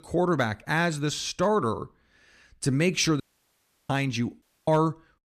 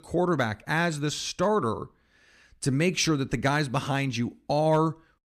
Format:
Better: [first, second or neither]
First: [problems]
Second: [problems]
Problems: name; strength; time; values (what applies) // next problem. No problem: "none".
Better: second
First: audio cutting out; at 3 s for 0.5 s and at 4.5 s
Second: none